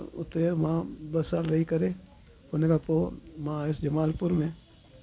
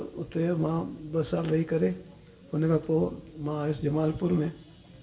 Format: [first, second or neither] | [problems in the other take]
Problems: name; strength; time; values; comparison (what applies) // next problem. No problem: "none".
first | room echo; dies away in 0.7 s